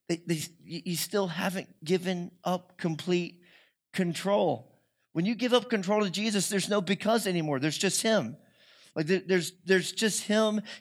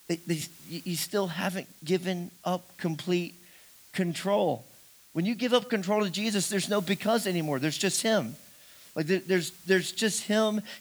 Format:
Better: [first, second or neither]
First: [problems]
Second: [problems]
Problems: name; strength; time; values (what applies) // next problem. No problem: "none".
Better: first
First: none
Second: hiss; faint; throughout; 20 dB below the speech